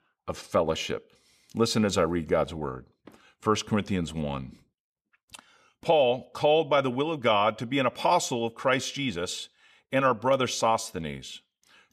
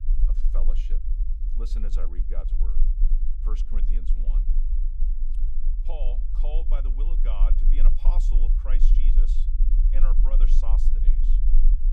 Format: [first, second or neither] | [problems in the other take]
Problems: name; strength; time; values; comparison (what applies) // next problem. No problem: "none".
first | low rumble; loud; throughout; 7 dB below the speech